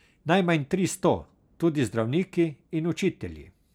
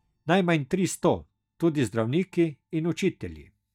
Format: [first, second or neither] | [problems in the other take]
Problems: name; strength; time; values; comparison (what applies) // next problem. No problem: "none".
first | noise reduction (neural mask model DeepFilterNet 3)